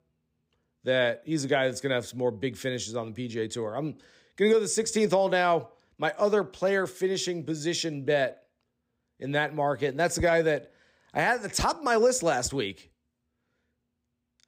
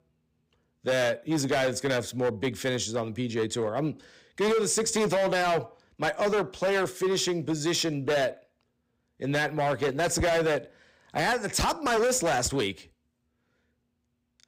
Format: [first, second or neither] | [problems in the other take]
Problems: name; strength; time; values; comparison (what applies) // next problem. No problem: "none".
first | distortion; heavy; 14% of the sound clipped